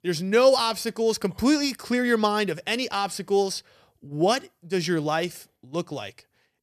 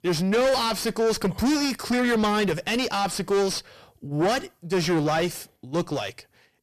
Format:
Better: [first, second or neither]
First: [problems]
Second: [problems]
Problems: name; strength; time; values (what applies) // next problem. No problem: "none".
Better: first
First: none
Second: distortion; heavy; 5 dB below the speech